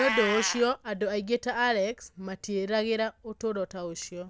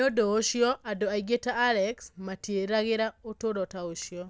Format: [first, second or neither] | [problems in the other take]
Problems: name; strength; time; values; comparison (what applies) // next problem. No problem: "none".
second | background sound (Meow); 9 dB below the speech